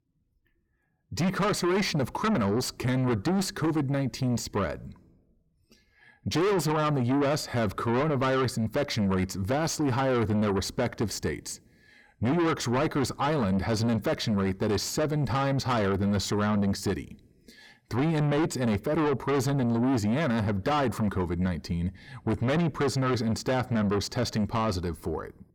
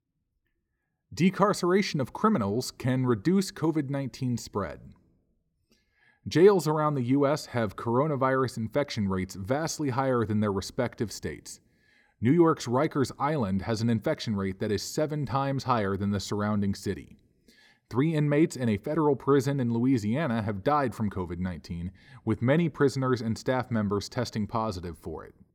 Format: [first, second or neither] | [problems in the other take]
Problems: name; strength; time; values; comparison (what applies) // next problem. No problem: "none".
second | distortion; heavy; 6 dB below the speech